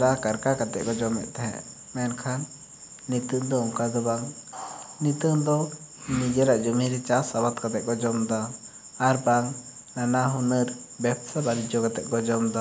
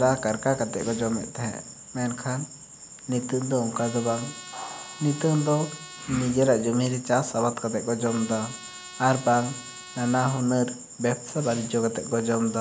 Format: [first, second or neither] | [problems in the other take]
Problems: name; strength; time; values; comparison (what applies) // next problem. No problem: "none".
first | background sound (Trumpet); 18 dB below the speech